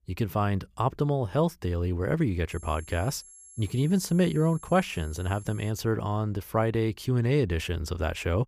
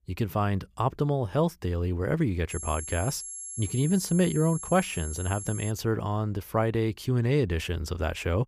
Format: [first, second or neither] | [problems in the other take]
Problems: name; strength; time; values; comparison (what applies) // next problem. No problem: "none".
first | high-pitched whine; loud; from 2.5 to 5.5 s; 11 kHz, 9 dB below the speech; faint in the first